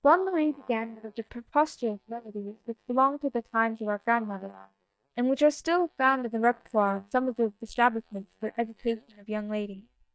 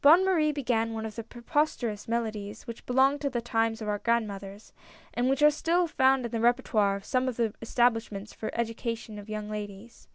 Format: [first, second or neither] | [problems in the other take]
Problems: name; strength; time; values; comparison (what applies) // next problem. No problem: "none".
second | noise reduction (neural mask model DeepFilterNet 3)